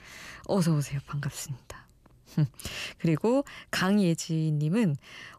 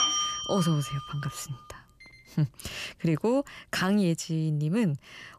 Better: first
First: none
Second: alarms or sirens; loud; until 2 s; 2 dB below the speech

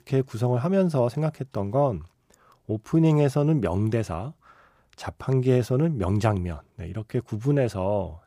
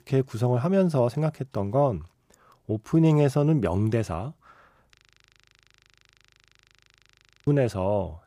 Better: first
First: none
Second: audio freezing; at 5 s for 2.5 s

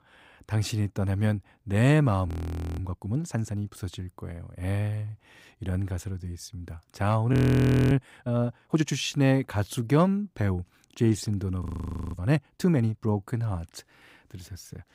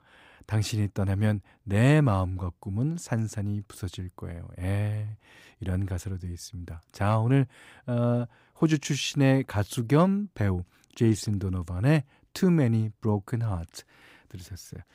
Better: second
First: audio freezing; at 2.5 s for 0.5 s, at 7.5 s for 0.5 s and at 12 s for 0.5 s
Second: none

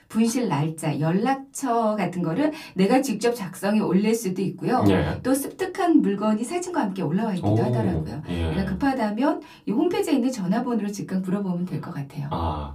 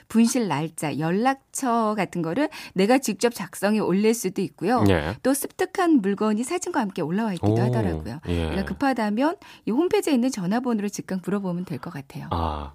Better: second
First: off-mic speech; far // room echo; very slight; dies away in 0.2 s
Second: none

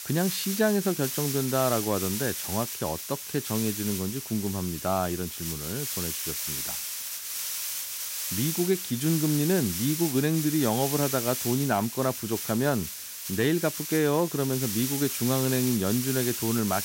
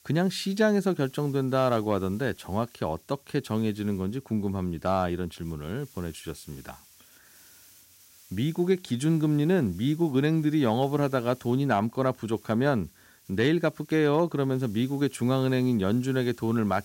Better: second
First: hiss; loud; throughout; 3 dB below the speech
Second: hiss; faint; throughout; 25 dB below the speech

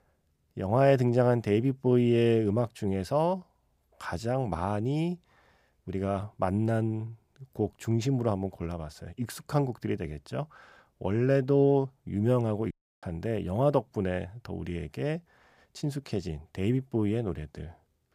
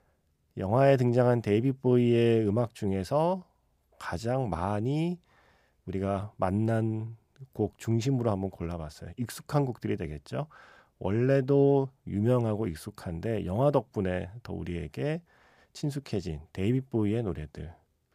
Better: second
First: audio cutting out; at 13 s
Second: none

